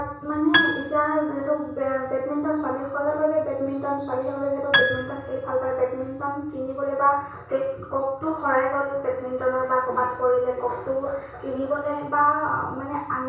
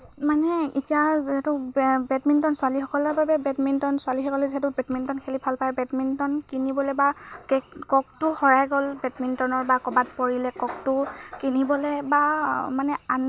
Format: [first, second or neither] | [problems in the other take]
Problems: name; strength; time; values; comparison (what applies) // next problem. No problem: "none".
second | background sound (Piano); 2 dB below the speech // room echo; dies away in 0.6 s